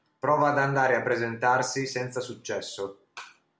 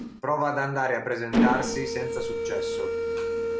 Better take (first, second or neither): first